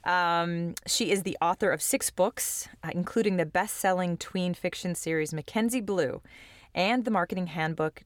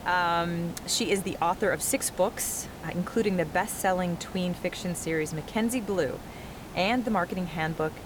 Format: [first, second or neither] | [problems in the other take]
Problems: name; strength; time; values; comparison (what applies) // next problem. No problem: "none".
first | hiss; noticeable; throughout; 15 dB below the speech